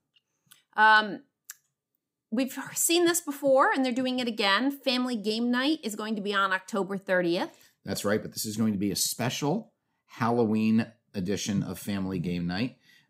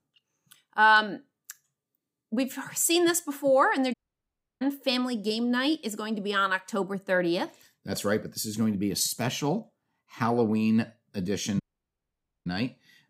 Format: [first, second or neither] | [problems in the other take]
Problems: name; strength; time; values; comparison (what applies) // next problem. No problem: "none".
first | audio cutting out; at 4 s for 0.5 s and at 12 s for 1 s